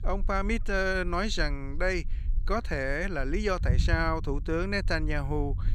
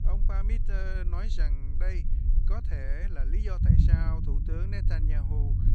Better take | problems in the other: first | low rumble; loud; throughout; 2 dB below the speech; faint in the first

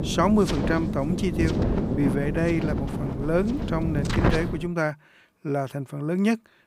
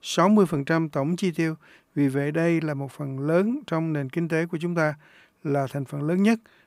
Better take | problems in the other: second | wind noise on the microphone; heavy; until 4.5 s; 4 dB below the speech

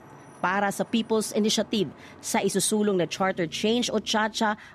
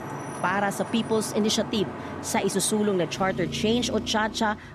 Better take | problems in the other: first | traffic noise; loud; throughout; 10 dB below the speech; faint in the first

